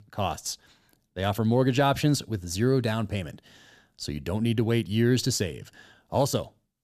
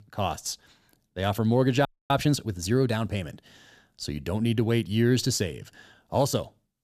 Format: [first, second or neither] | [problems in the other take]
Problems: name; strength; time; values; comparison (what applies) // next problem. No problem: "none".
first | audio freezing; at 2 s